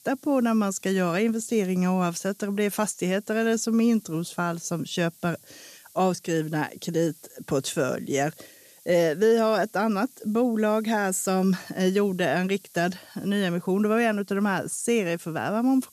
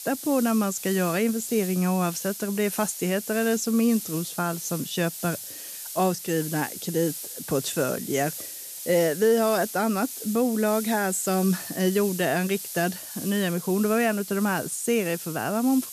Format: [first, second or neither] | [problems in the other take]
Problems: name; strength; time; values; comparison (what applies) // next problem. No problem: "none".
first | hiss; loud; throughout; 9 dB below the speech; faint in the first